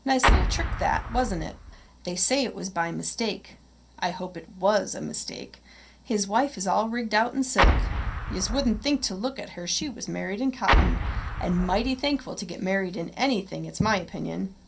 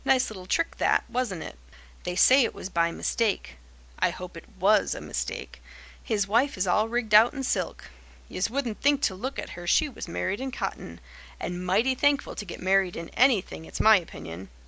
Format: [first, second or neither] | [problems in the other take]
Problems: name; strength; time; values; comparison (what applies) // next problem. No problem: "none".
second | background sound (Explosion); 2 dB above the speech // room echo; dies away in 0.3 s